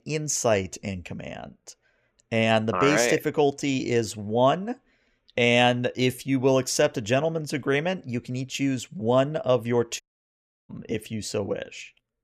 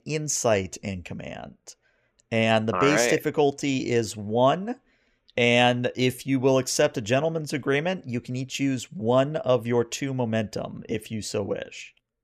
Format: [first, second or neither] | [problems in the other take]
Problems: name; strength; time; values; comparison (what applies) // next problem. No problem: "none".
second | audio cutting out; at 10 s for 0.5 s